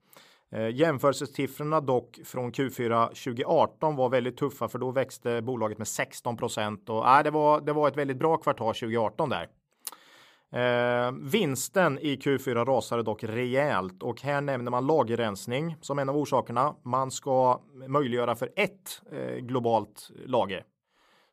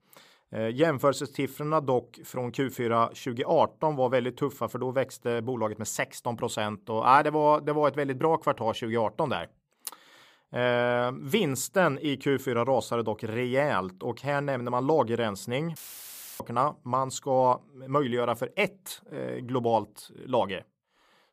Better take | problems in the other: first | audio cutting out; filled with static; at 16 s for 0.5 s

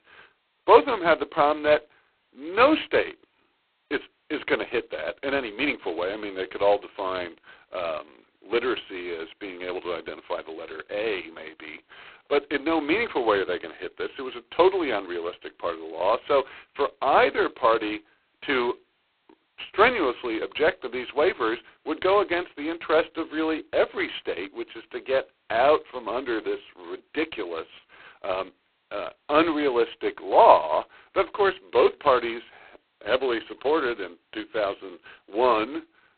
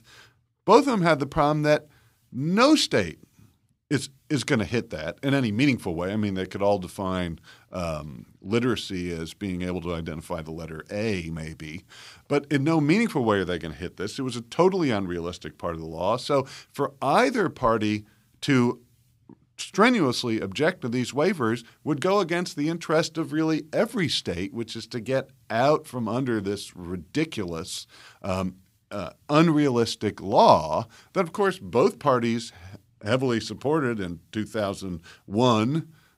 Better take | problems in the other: second | phone-call audio; poor line; nothing above 4 kHz

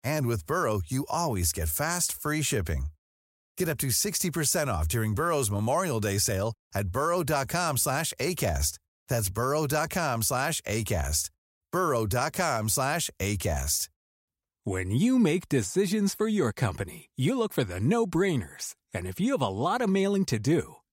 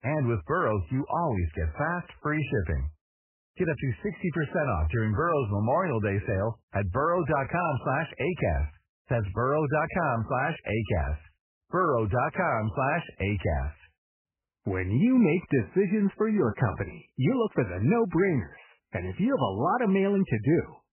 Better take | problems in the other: first | garbled, watery; badly; nothing above 3 kHz

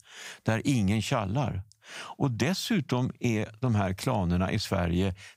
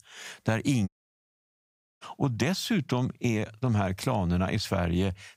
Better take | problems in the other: first | audio cutting out; at 1 s for 1 s

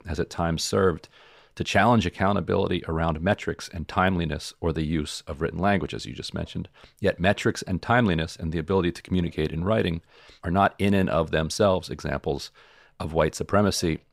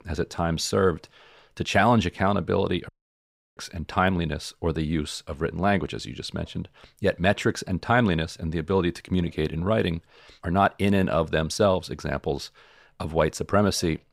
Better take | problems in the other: first | audio cutting out; at 3 s for 0.5 s

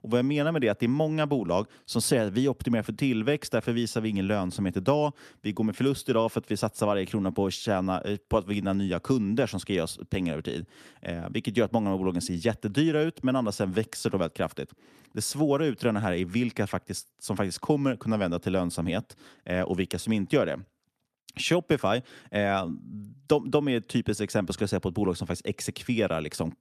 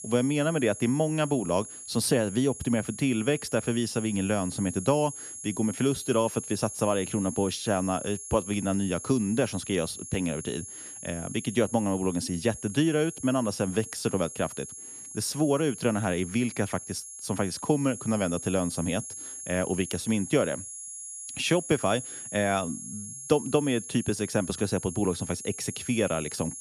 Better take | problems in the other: first | high-pitched whine; loud; throughout; 10.5 kHz, 10 dB below the speech

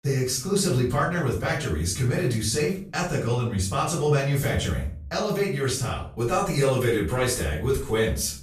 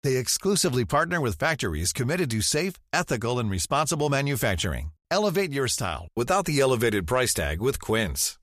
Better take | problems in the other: second | off-mic speech; far // room echo; noticeable; dies away in 0.4 s

